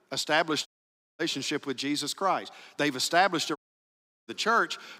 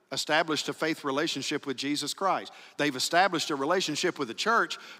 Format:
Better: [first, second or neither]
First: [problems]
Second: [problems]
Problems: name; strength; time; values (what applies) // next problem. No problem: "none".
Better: second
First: audio cutting out; at 0.5 s for 0.5 s and at 3.5 s for 0.5 s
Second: none